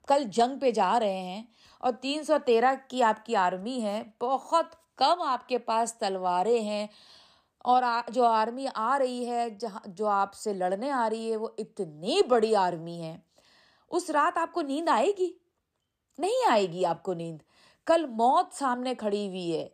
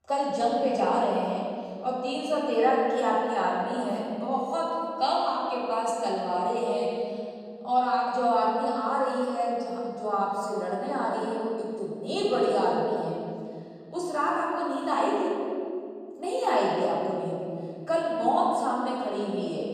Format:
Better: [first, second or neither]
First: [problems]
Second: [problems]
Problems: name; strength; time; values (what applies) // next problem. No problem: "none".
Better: first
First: none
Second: off-mic speech; far // room echo; strong; dies away in 2.4 s